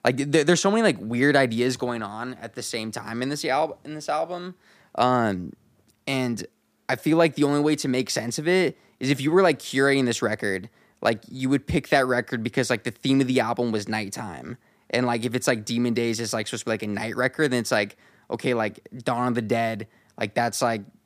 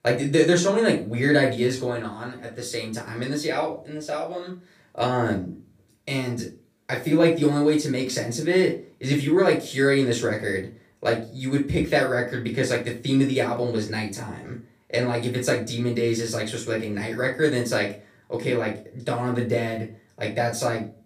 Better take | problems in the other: first | off-mic speech; far // room echo; slight; dies away in 0.3 s

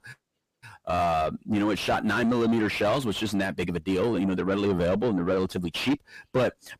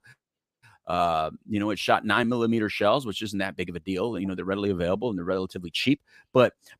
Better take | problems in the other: second | distortion; heavy; 6 dB below the speech

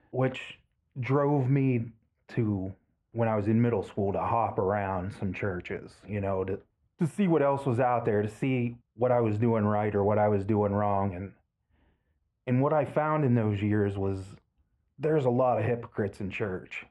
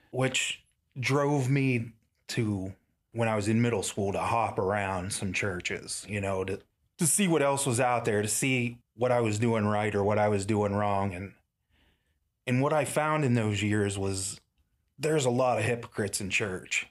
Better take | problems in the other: second | muffled; very; fading above 3 kHz

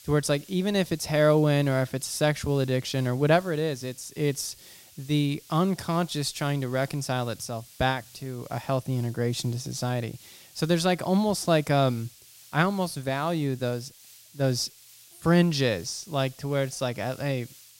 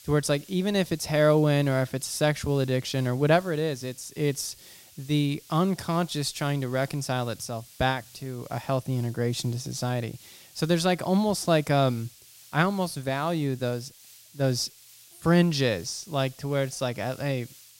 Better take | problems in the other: neither | hiss; faint; throughout; 25 dB below the speech; the same in both

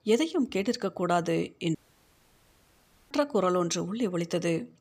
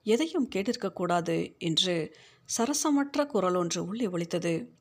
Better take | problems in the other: second | audio cutting out; at 2 s for 1.5 s

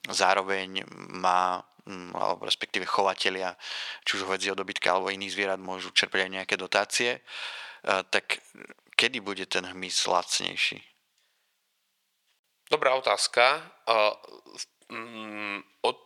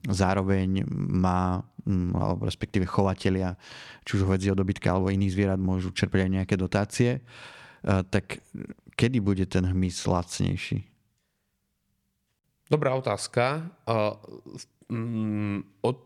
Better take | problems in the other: second | thin; very; fading below 700 Hz

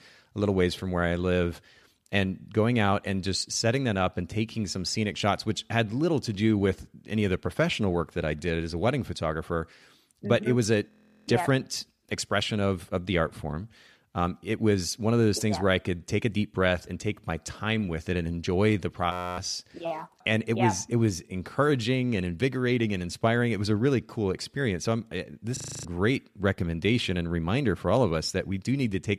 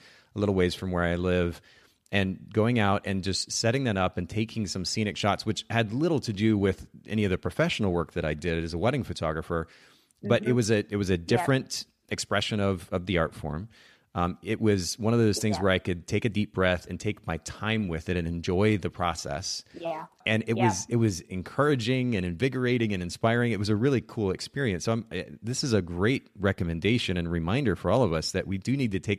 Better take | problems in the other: second | audio freezing; at 11 s, at 19 s and at 26 s

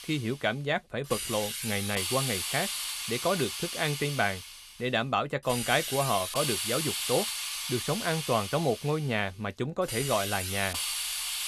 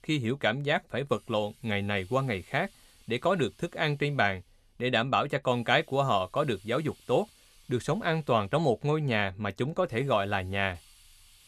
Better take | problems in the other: second | hiss; loud; throughout; 2 dB below the speech; faint in the second

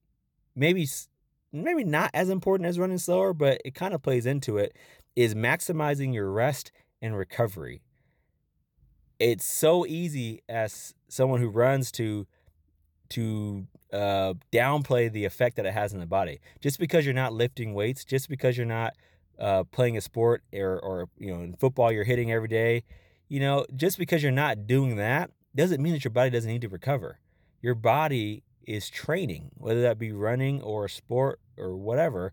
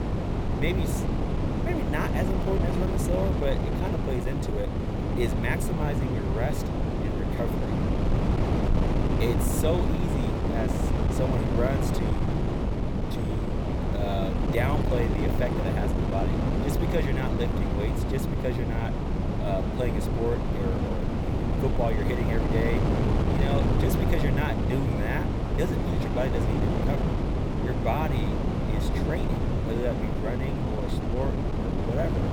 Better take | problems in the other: first | wind noise on the microphone; heavy; 1 dB above the speech

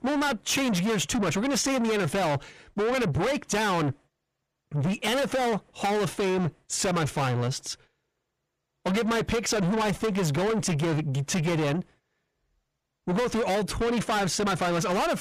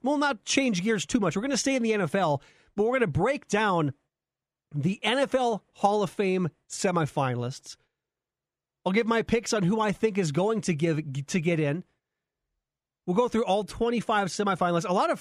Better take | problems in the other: second | distortion; heavy; 6 dB below the speech

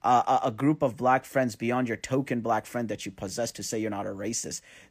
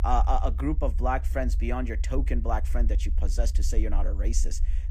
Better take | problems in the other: first | low rumble; noticeable; throughout; 20 dB below the speech

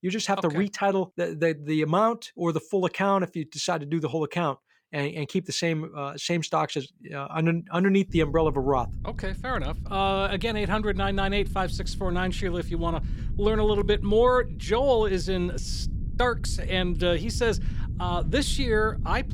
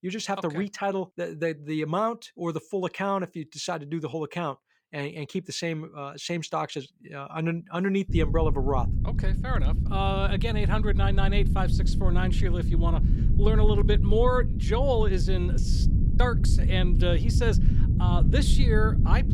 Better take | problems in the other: first | low rumble; loud; from 8 s on; 9 dB below the speech; faint in the first

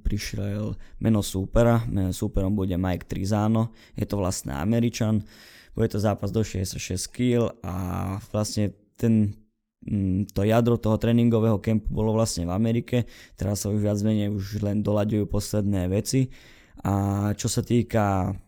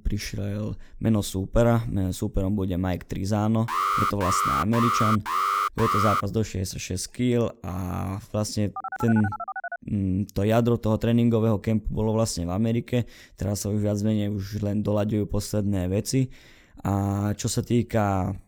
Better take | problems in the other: first | alarm; loud; from 3.5 to 6 s; peak 3 dB above the speech // phone ringing; noticeable; from 9 to 10 s; peak 7 dB below the speech

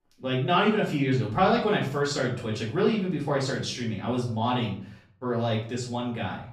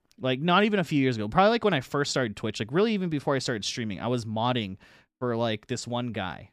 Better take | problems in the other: second | room echo; slight; dies away in 0.4 s // off-mic speech; far

